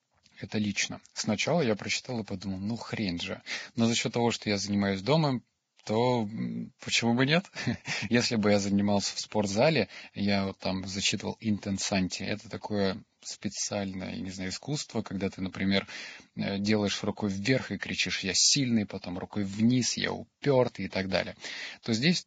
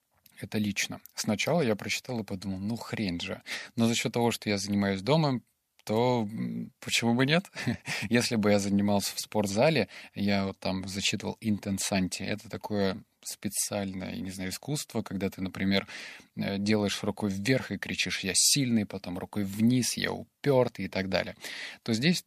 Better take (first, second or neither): second